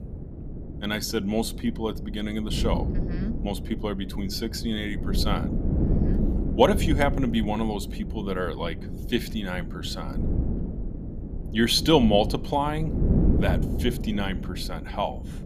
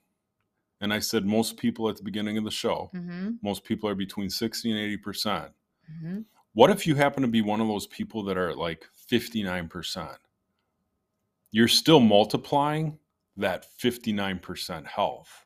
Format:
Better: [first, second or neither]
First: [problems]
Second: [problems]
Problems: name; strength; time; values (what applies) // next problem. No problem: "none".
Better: second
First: wind noise on the microphone; occasional gusts; 10 dB below the speech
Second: none